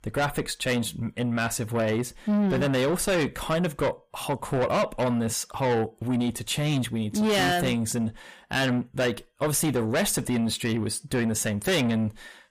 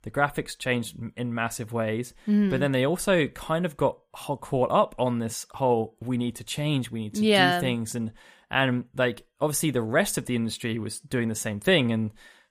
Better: second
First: distortion; heavy; 6 dB below the speech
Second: none

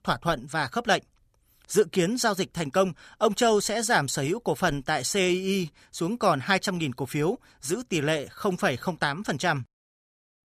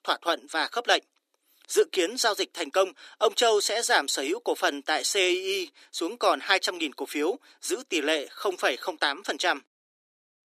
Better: first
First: none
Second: thin; somewhat; fading below 300 Hz

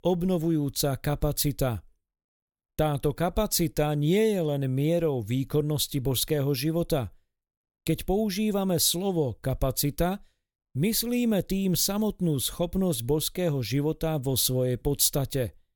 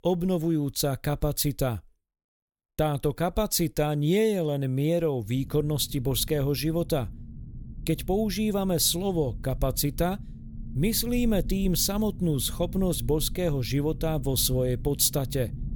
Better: first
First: none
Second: low rumble; faint; from 5.5 s on; 25 dB below the speech

